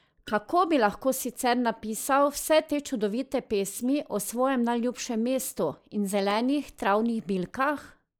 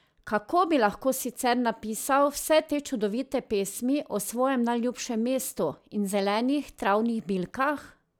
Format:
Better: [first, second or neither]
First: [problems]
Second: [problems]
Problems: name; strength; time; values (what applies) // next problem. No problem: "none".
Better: second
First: noise reduction (neural mask model Resemble Enhance denoiser)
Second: none